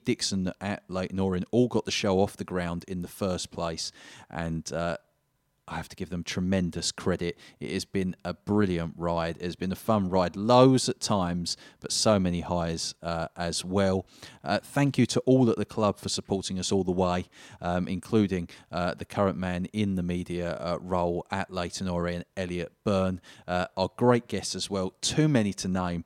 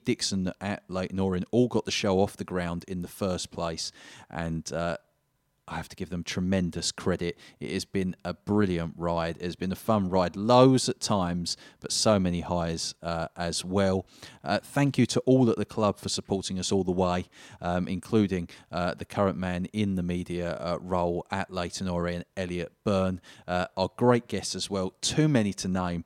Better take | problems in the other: neither | none

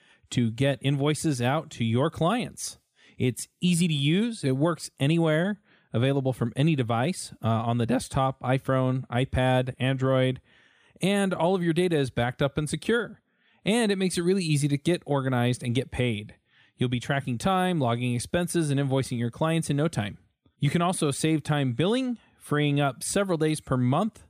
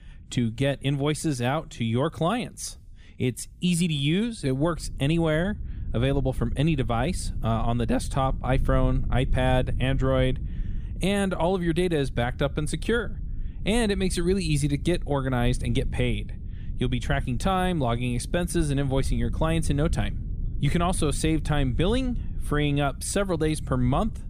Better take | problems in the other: first | low rumble; faint; throughout; 20 dB below the speech

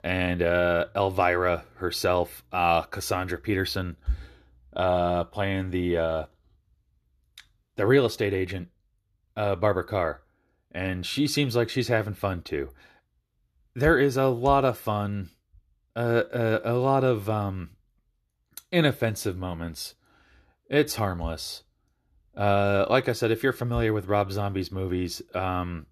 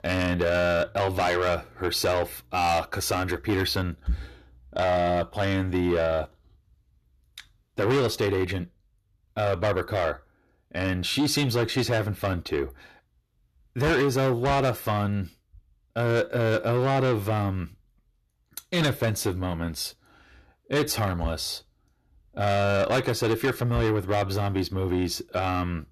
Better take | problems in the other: first | distortion; heavy; 7 dB below the speech

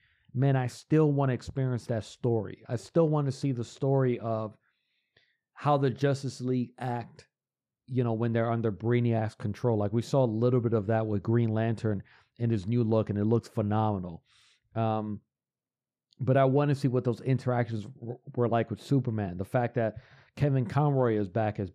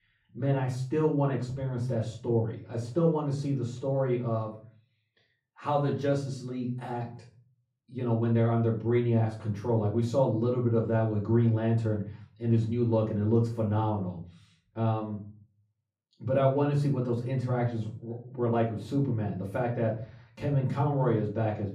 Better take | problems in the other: first | off-mic speech; far // room echo; slight; dies away in 0.4 s

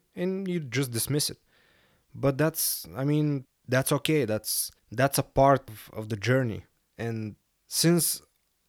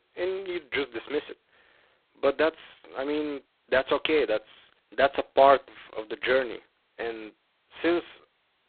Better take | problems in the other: first | phone-call audio; poor line; nothing above 4 kHz

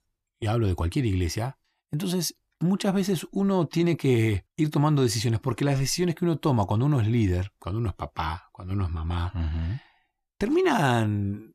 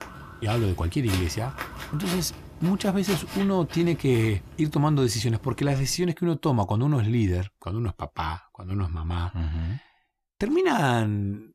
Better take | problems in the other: first | footsteps; noticeable; until 6 s; peak 7 dB below the speech

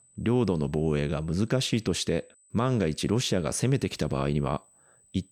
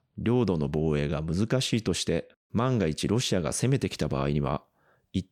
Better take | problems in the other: second | high-pitched whine; faint; throughout; 8 kHz, 30 dB below the speech

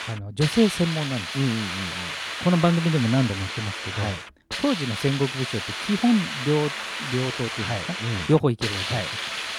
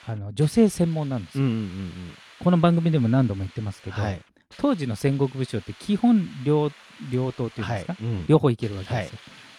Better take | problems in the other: second | hiss; loud; throughout; 4 dB below the speech; faint in the second

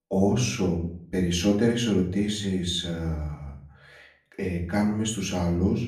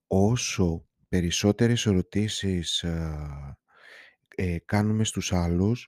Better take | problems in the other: second | room echo; slight; dies away in 0.5 s // off-mic speech; far

